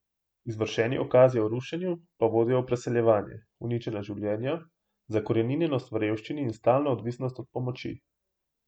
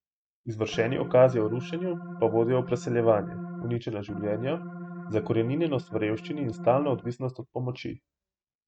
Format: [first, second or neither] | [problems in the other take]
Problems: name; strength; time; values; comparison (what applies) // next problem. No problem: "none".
first | noise reduction (neural mask model RNNoise)